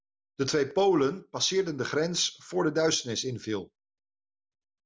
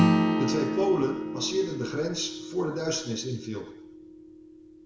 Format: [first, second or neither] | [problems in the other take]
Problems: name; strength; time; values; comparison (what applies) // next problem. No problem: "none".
first | background sound (Acoustic guitar / Strum); 1 dB above the speech // room echo; dies away in 0.8 s